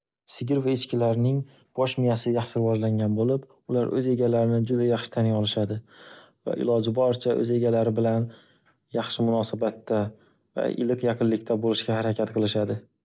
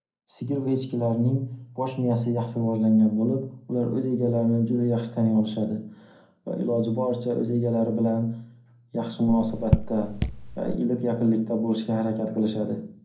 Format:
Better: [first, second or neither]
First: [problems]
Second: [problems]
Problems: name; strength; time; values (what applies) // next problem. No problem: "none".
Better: first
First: none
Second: background sound (Raindrop / Drip); 2 dB below the speech // room echo; dies away in 0.5 s